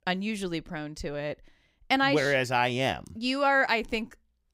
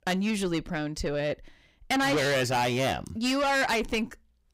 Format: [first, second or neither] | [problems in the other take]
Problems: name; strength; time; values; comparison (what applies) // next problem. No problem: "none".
first | distortion; heavy; 6 dB below the speech